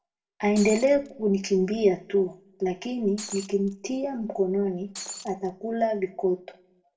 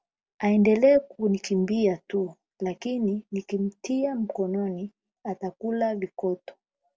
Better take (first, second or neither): second